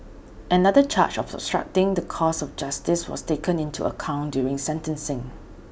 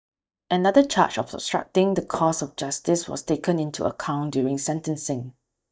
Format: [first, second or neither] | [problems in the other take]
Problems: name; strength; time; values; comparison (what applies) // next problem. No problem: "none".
first | noise reduction (neural mask model DeepFilterNet 3)